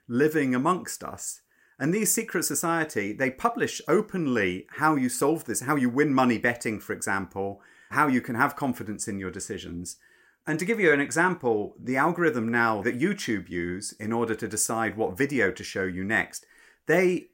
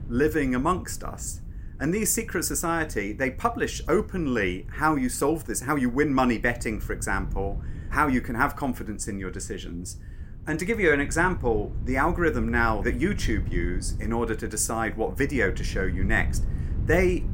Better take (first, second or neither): first